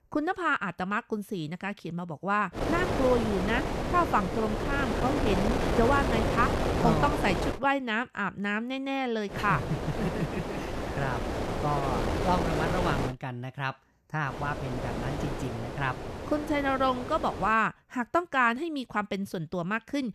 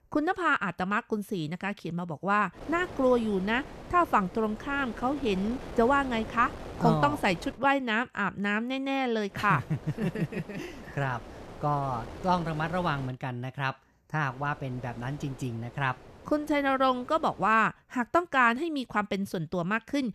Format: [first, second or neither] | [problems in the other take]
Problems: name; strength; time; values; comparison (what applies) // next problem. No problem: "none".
second | wind noise on the microphone; heavy; from 2.5 to 7.5 s, from 9.5 to 13 s and from 14 to 18 s; 4 dB below the speech; occasional gusts in the second